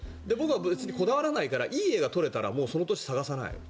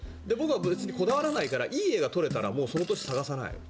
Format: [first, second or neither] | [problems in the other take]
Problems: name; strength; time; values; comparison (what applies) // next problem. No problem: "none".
first | background sound (Fart); 13 dB below the speech